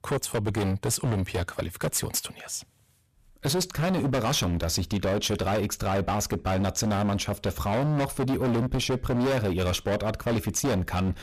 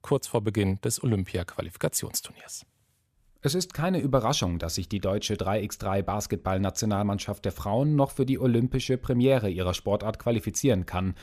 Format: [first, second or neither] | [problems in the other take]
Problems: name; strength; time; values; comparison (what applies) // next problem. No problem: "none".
second | distortion; heavy; 24% of the sound clipped